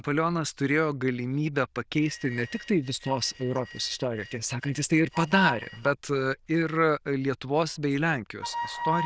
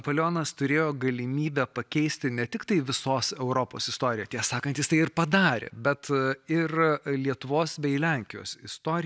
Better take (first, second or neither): second